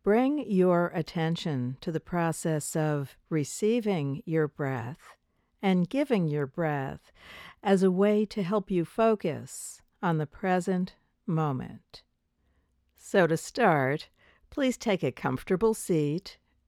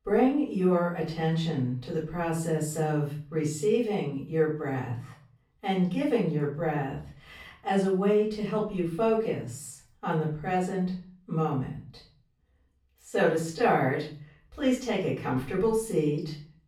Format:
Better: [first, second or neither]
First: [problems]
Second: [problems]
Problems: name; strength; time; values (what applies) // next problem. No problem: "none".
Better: first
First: none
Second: off-mic speech; far // room echo; slight; dies away in 0.4 s